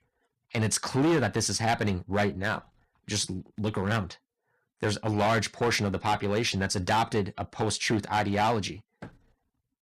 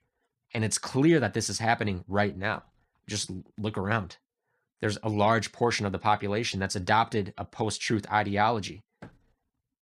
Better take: second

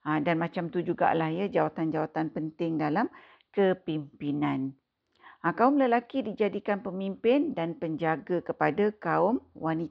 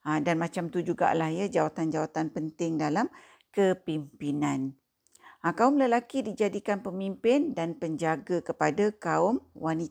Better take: second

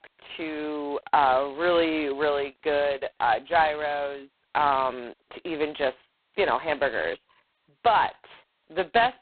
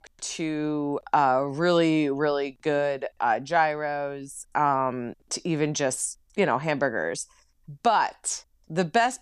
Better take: second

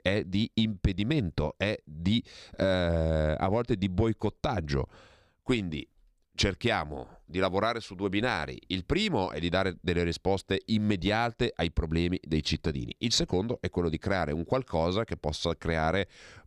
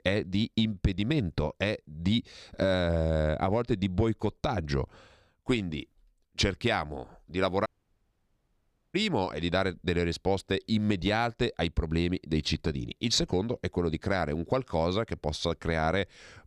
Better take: first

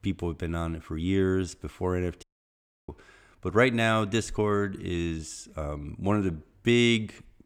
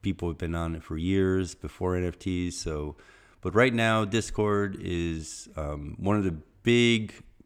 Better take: second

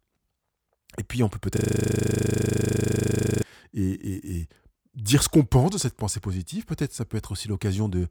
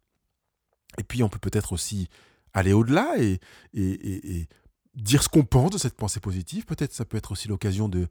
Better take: second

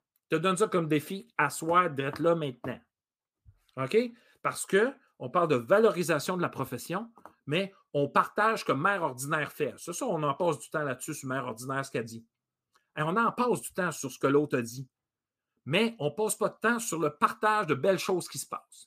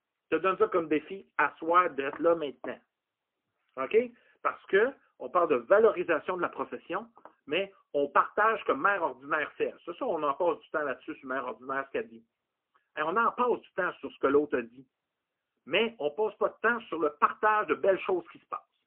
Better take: first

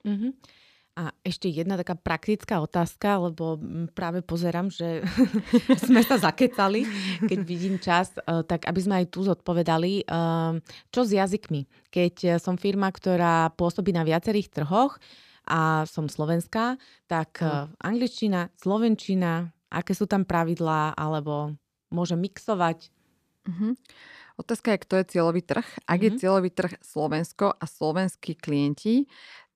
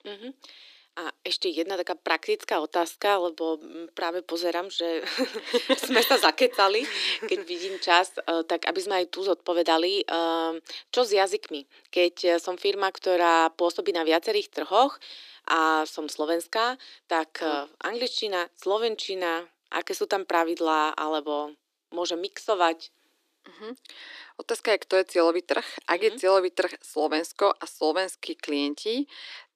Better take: first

